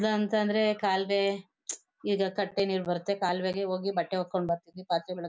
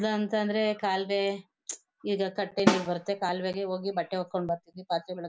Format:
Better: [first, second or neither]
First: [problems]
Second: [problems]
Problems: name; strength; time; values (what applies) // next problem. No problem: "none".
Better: first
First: none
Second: background sound (Snare drum); 2 dB below the speech